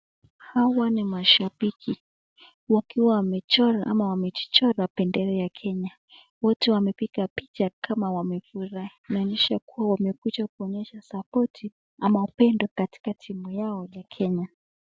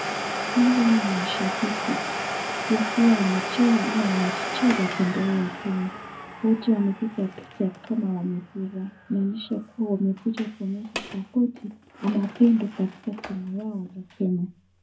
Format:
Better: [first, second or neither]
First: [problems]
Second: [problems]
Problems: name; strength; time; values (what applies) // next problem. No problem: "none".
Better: first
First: none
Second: background sound (Domestic sounds, home sounds); 8 dB below the speech // room echo; dies away in 0.4 s